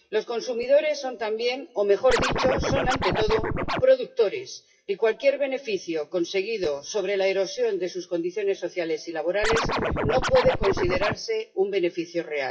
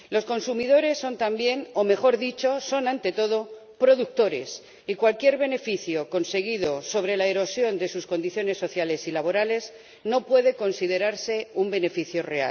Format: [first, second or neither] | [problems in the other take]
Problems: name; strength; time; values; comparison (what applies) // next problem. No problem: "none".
second | noise reduction (classical method WPE with log-MMSE)